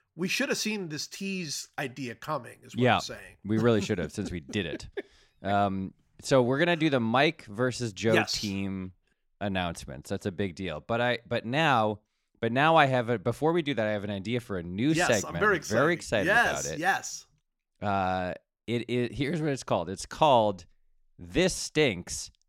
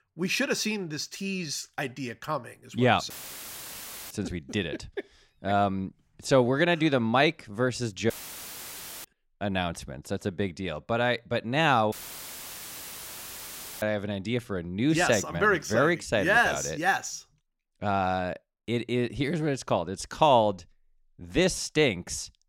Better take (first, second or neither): first